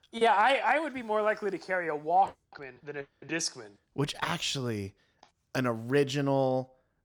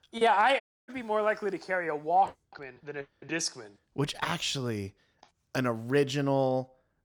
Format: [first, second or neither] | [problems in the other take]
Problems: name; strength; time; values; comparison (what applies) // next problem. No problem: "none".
first | audio cutting out; at 0.5 s